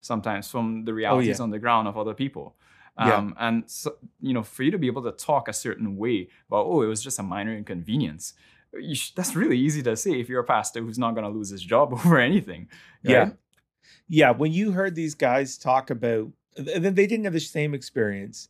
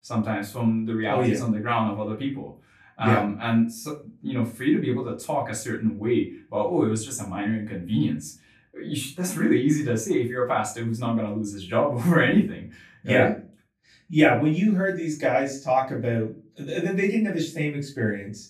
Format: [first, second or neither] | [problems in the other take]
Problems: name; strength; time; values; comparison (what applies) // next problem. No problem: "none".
first | off-mic speech; far // room echo; slight; dies away in 0.3 s